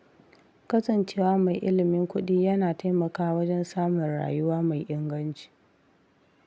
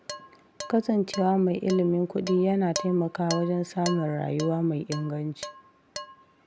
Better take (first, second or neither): first